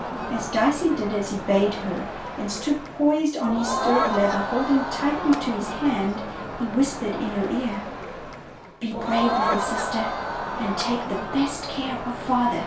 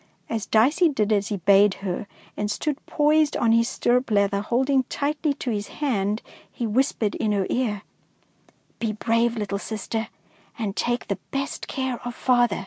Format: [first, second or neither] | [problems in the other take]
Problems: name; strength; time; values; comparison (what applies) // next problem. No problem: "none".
second | background sound (Crowd); 4 dB below the speech // room echo; dies away in 0.3 s